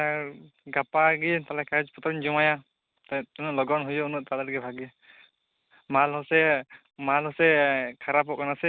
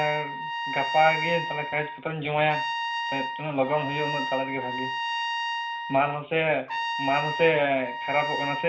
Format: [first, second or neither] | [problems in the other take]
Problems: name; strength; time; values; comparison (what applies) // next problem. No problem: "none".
first | background sound (Trumpet); 4 dB below the speech // room echo; dies away in 0.3 s